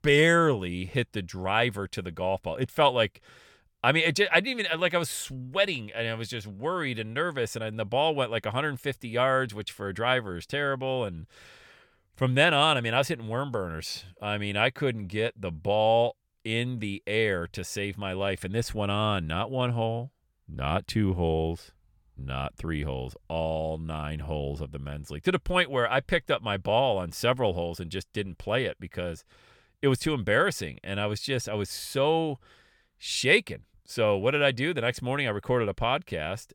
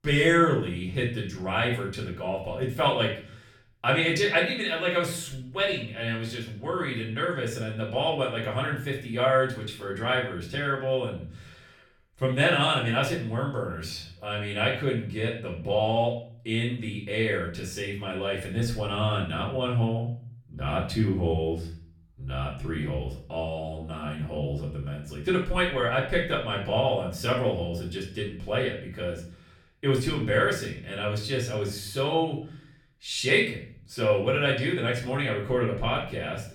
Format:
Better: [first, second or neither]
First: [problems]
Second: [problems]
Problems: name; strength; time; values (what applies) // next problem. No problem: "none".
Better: first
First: none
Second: room echo; slight; dies away in 0.5 s // off-mic speech; far